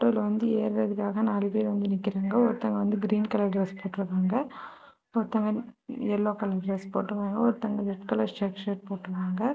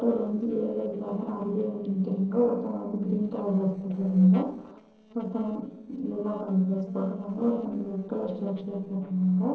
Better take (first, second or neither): first